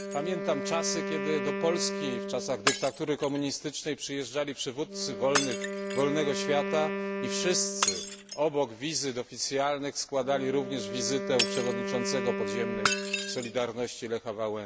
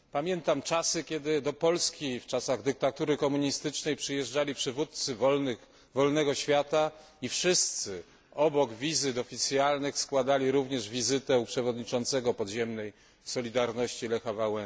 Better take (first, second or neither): second